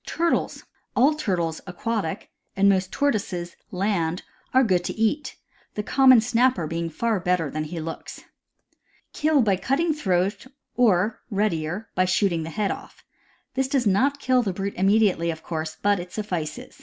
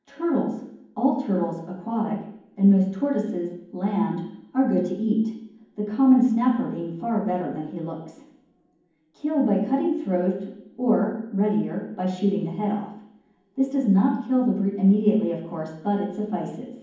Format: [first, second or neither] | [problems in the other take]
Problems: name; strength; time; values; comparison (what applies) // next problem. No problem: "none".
first | room echo; dies away in 1.2 s